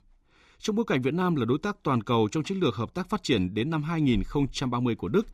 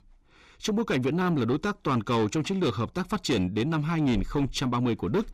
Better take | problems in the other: first | distortion; slight; 10 dB below the speech

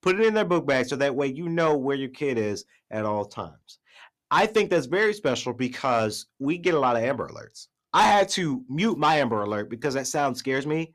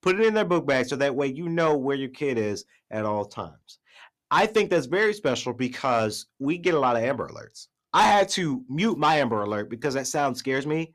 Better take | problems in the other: neither | distortion; slight; 10 dB below the speech; the same in both

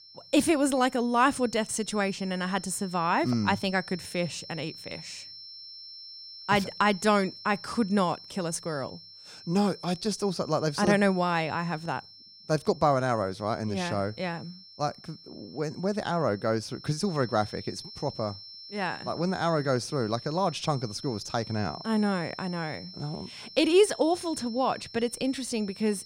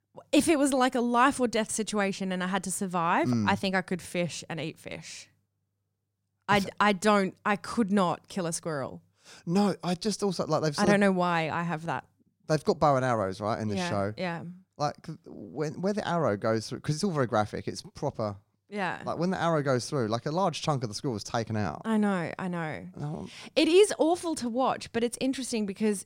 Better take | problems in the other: second | high-pitched whine; noticeable; throughout; 5.5 kHz, 15 dB below the speech

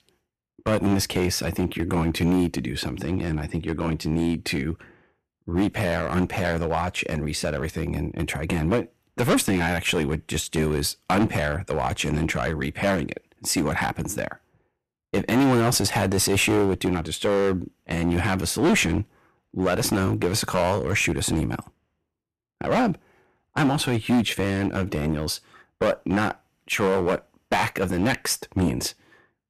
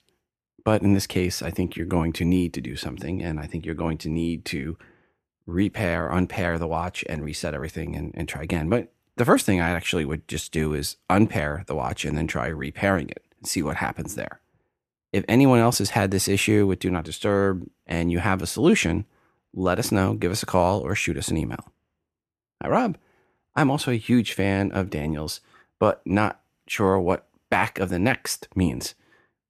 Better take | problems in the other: second | distortion; heavy; 7% of the sound clipped

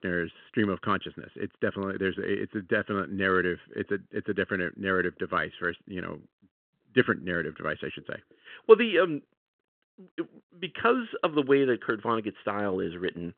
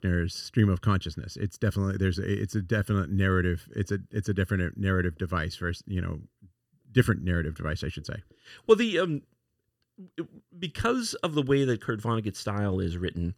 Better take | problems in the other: second | phone-call audio

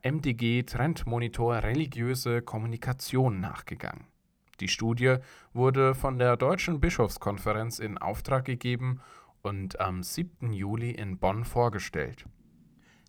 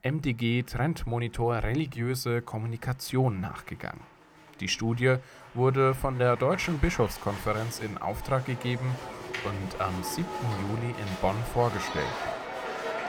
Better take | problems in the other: first | crowd noise; loud; throughout; 8 dB below the speech

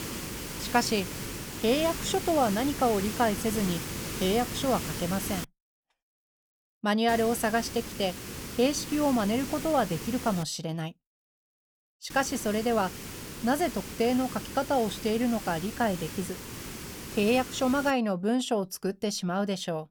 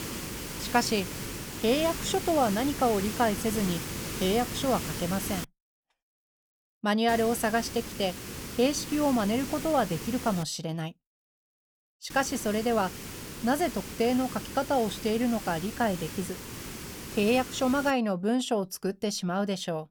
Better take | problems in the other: neither | hiss; loud; until 5.5 s, from 7 to 10 s and from 12 to 18 s; 8 dB below the speech; the same in both

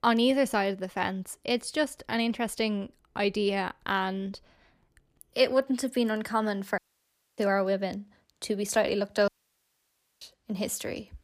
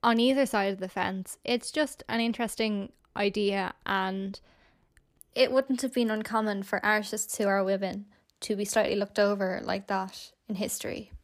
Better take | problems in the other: second | audio cutting out; at 7 s for 0.5 s and at 9.5 s for 1 s

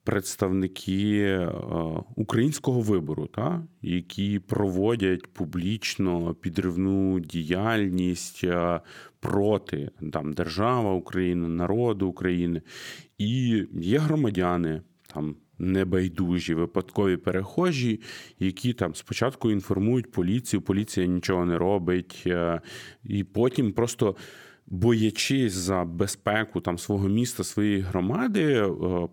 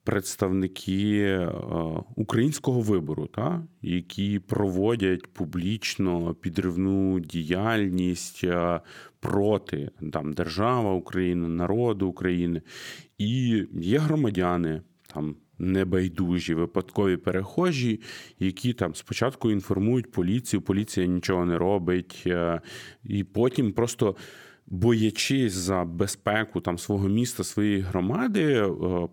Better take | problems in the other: neither | none

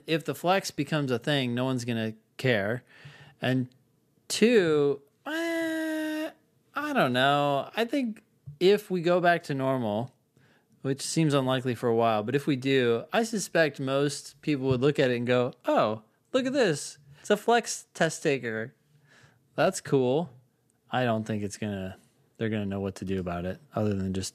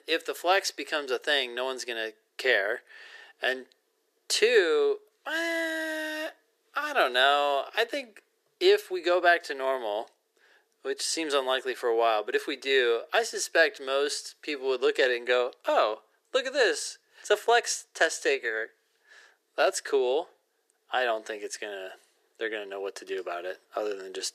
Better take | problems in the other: first | thin; very; fading below 350 Hz

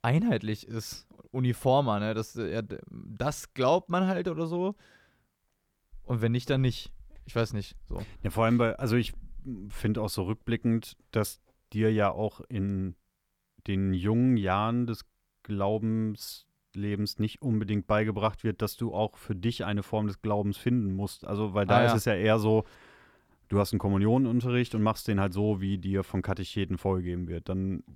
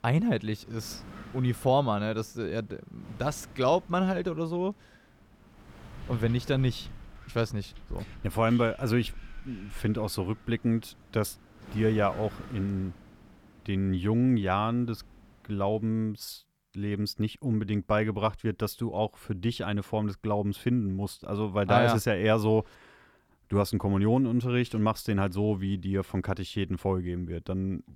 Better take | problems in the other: first | wind noise on the microphone; occasional gusts; until 16 s; 20 dB below the speech

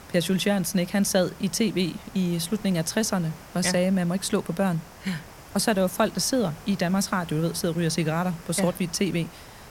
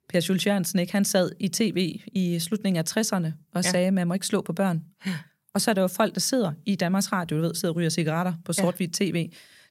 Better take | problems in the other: second | hiss; noticeable; throughout; 20 dB below the speech

